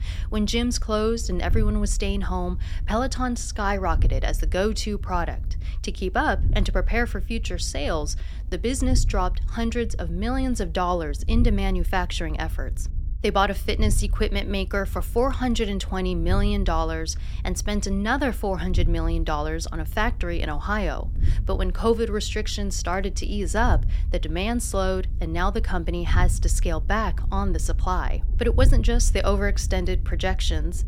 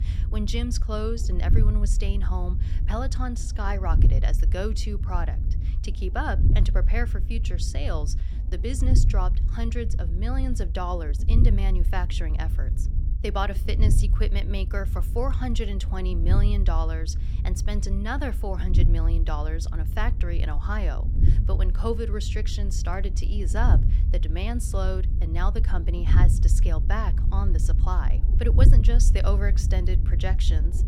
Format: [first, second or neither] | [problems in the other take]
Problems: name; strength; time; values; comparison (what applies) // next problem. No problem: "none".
first | low rumble; loud; throughout; 9 dB below the speech; faint in the first